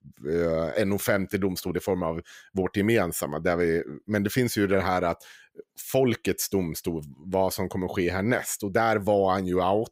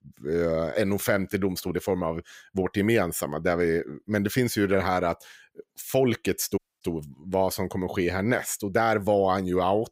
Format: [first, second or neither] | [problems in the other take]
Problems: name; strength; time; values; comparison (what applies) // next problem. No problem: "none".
first | audio cutting out; at 6.5 s